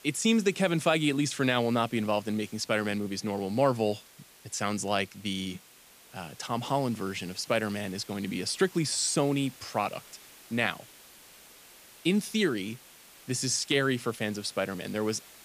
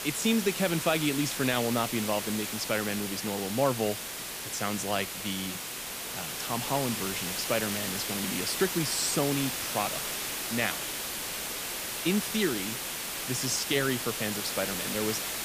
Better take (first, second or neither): first